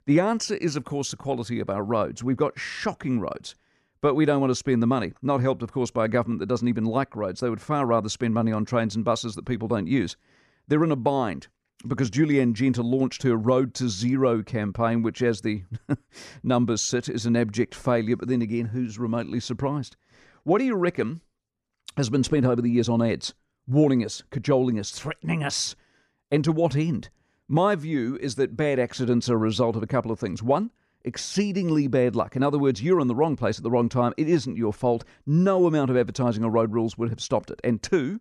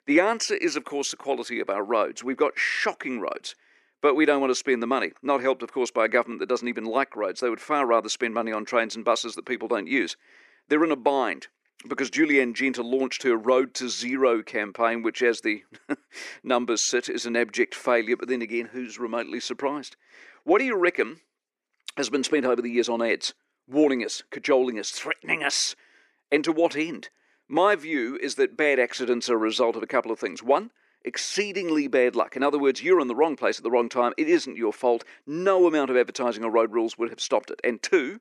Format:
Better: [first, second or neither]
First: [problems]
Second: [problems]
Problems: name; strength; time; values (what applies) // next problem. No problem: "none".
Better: first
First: none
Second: thin; somewhat; fading below 350 Hz